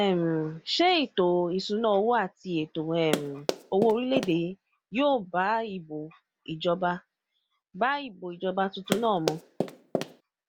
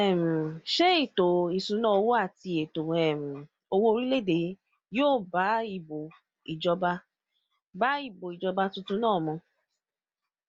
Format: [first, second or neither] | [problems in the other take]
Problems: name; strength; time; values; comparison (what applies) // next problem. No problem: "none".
second | background sound (Run); 5 dB below the speech